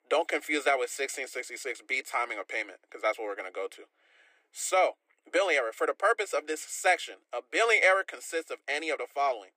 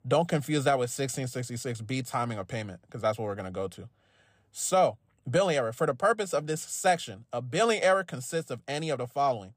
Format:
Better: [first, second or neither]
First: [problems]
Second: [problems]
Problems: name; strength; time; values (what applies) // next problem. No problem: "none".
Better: second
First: thin; very; fading below 300 Hz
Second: none